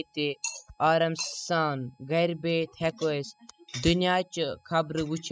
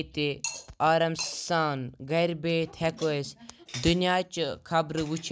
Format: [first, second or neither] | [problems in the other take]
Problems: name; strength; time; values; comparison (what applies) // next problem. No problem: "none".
second | noise reduction (classical method spectral subtraction)